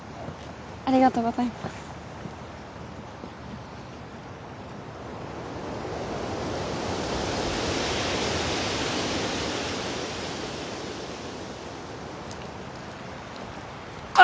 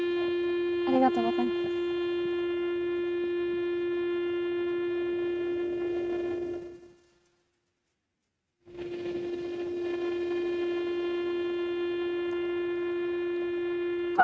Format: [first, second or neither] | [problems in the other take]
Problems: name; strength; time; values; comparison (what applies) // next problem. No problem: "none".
first | noise reduction (neural mask model RNNoise)